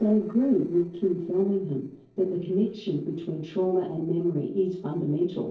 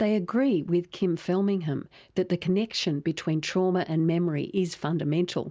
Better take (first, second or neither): second